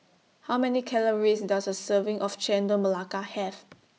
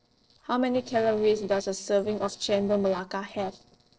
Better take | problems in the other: first | noise reduction (neural separator model SepFormer DNS4)

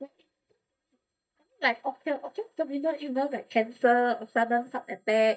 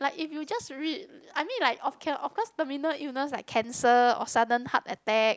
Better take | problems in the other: second | noise reduction (neural mask model DeepFilterNet 3)

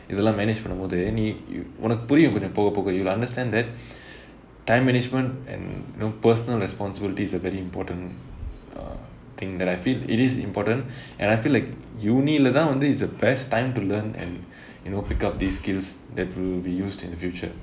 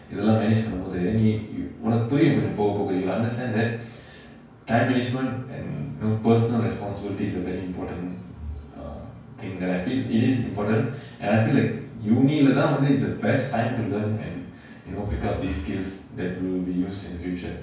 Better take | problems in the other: first | room echo; dies away in 0.5 s

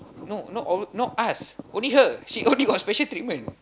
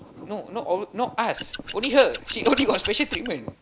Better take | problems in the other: first | background sound (Scissors); 10 dB below the speech

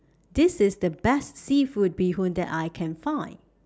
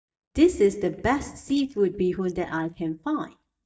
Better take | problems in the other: first | noise reduction (neural mask model DeepFilterNet 3)

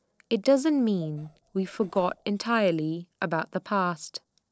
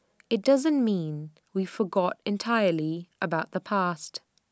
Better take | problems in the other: second | noise reduction (neural separator model SepFormer DNS4)

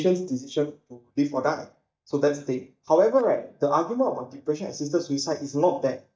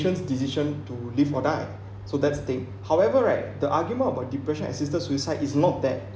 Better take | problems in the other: second | noise reduction (neural mask model DeepFilterNet 3)

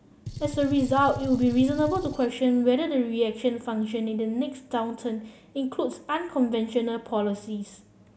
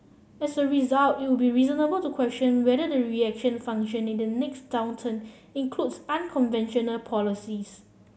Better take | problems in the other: second | background sound (Gunshot, gunfire); 11 dB below the speech

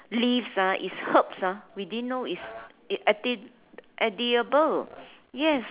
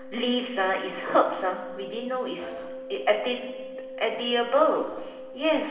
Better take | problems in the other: first | background sound (Wind instrument, woodwind instrument); 12 dB below the speech // room echo; dies away in 1.2 s

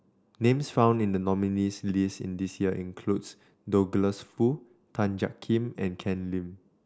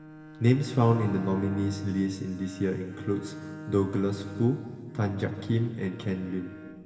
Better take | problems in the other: first | background sound (Bowed string instrument); 14 dB below the speech // room echo; dies away in 2.3 s

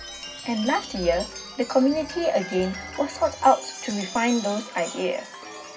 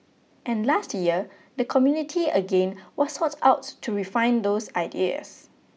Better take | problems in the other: second | background sound (Chime); 12 dB below the speech // room echo; dies away in 0.4 s

